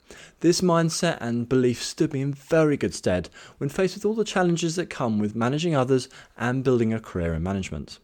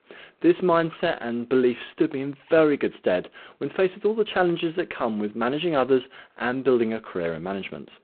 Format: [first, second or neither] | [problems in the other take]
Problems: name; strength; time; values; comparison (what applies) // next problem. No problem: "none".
first | phone-call audio; poor line; nothing above 4 kHz